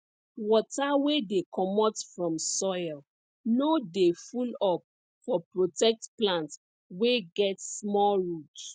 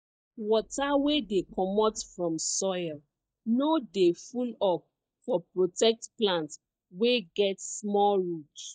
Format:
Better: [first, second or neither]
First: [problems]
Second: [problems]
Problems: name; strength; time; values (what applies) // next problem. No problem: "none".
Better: first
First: none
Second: noise reduction (neural mask model DeepFilterNet 3)